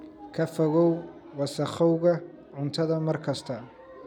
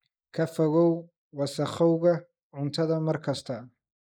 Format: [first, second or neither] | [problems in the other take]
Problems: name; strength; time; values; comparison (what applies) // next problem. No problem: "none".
first | noise reduction (neural mask model Resemble Enhance denoiser)